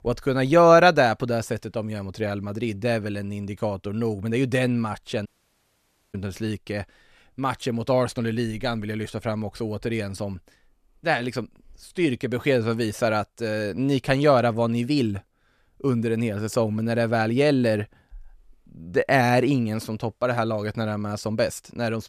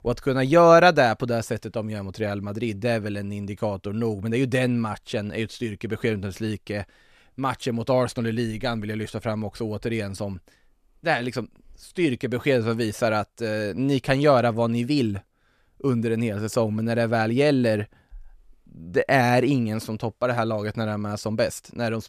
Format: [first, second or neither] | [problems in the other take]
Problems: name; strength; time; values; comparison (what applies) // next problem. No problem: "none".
second | audio cutting out; at 5.5 s for 1 s